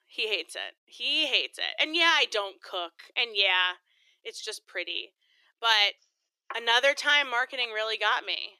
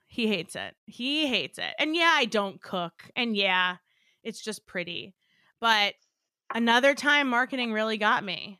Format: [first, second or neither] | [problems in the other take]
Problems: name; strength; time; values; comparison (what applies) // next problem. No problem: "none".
second | thin; very; fading below 350 Hz